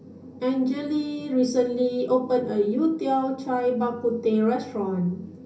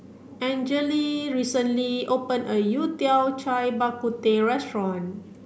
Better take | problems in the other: second | room echo; dies away in 0.3 s

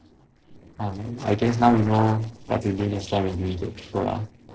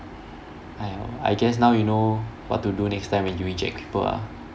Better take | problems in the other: second | noise reduction (neural separator model SepFormer DNS4)

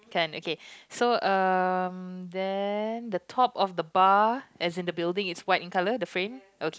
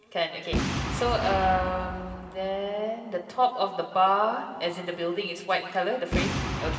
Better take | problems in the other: first | background sound (Boom); 6 dB below the speech // room echo; dies away in 2.5 s

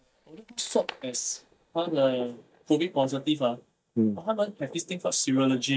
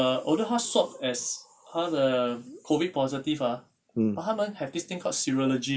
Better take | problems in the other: second | noise reduction (neural mask model DeepFilterNet 3)

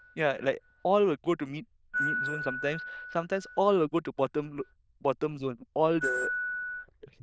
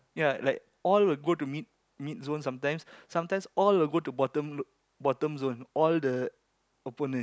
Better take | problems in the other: second | noise reduction (neural diffusion model UNIVERSE++)

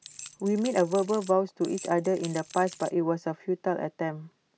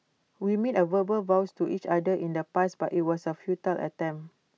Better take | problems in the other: second | background sound (Rattle / Keys jangling); 17 dB below the speech

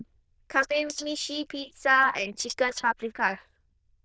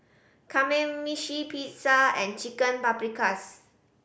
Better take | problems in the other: second | noise reduction (neural diffusion model UNIVERSE++)

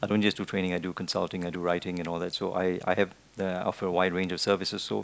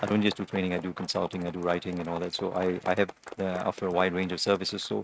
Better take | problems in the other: first | noise reduction (neural mask model RNNoise)

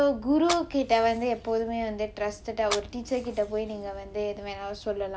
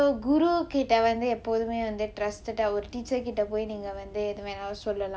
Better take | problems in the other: second | background sound (Fire); 13 dB below the speech

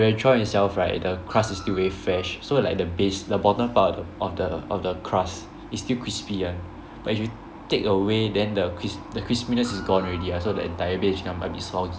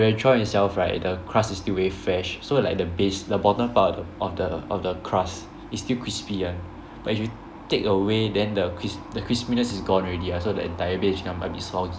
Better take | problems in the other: second | background sound (Screech); 18 dB below the speech

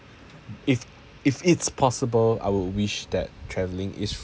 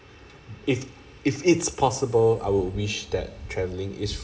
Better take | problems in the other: first | room echo; dies away in 2.6 s

